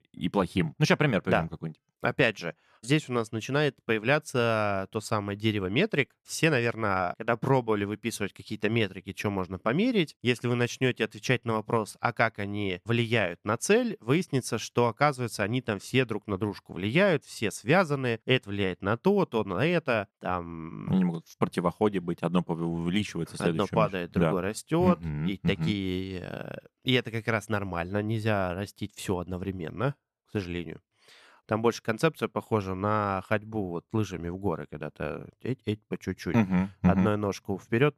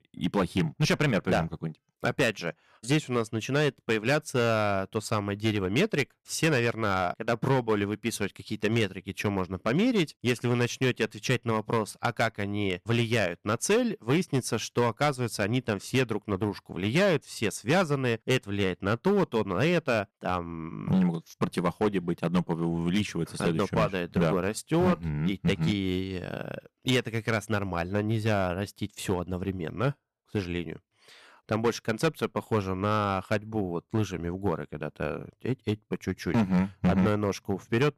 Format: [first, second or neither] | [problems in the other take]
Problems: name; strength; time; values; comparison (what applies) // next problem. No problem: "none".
first | distortion; slight; 5% of the sound clipped